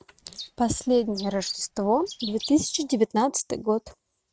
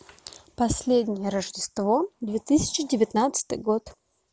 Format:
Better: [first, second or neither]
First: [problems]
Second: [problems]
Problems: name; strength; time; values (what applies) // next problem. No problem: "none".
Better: second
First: noise reduction (neural mask model RNNoise)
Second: none